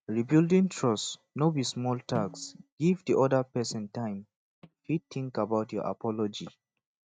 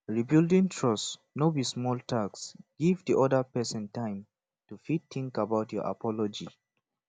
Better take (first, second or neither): second